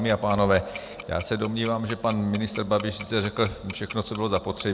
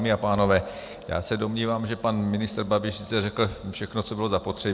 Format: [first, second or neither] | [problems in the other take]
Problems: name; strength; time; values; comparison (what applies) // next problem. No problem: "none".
second | background sound (Tick-tock); 18 dB below the speech